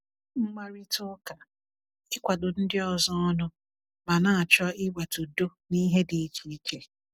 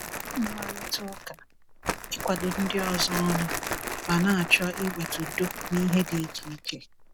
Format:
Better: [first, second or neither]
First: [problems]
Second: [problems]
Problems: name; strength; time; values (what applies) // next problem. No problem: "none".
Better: first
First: none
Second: background sound (Crumpling, crinkling); 6 dB below the speech